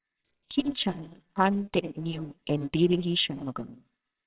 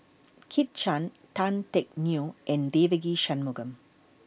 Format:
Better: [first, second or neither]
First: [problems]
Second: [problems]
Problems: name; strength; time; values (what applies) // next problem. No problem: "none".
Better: second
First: noise reduction (neural separator model SepFormer WHAMR!)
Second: none